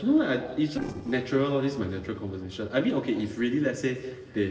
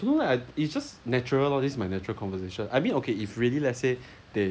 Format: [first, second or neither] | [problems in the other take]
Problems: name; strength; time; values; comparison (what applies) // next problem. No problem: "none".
second | noise reduction (neural separator model SepFormer DNS4)